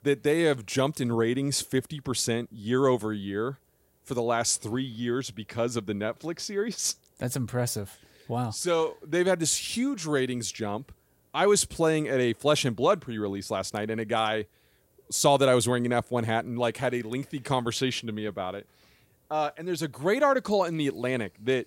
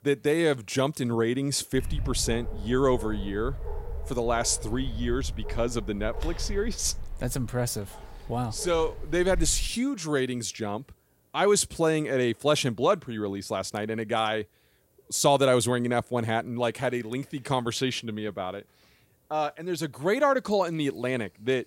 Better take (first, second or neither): first